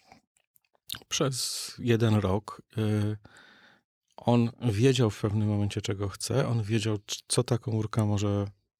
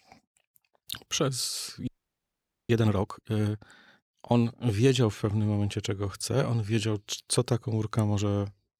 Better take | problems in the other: first | audio freezing; at 2 s for 1 s

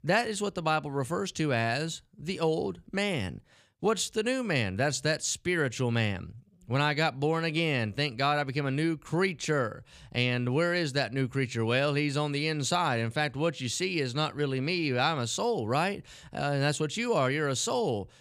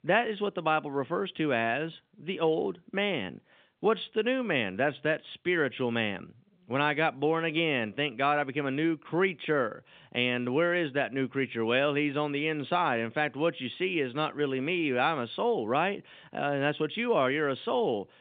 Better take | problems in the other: first | phone-call audio; nothing above 3.5 kHz

